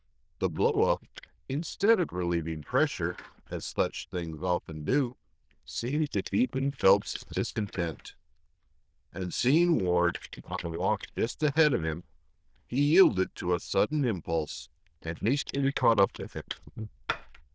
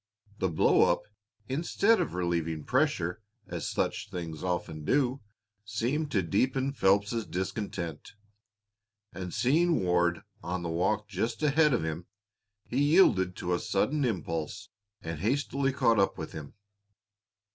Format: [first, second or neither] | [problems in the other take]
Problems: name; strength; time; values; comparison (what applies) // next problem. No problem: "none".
second | noise reduction (neural diffusion model UNIVERSE++)